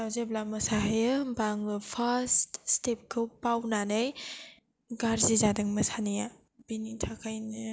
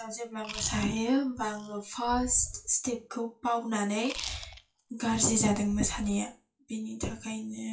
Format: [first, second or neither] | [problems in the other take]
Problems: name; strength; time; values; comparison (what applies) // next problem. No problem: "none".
first | noise reduction (classical method WPE with log-MMSE)